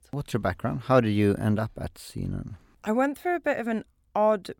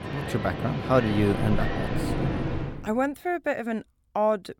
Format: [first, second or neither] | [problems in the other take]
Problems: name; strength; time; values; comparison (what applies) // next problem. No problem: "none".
first | rain or running water; loud; until 2.5 s; 3 dB below the speech